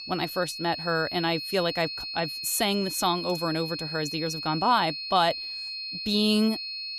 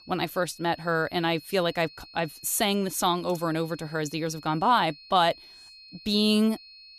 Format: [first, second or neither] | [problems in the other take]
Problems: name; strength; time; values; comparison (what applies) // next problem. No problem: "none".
second | high-pitched whine; loud; throughout; 4.5 kHz, 6 dB below the speech; faint in the second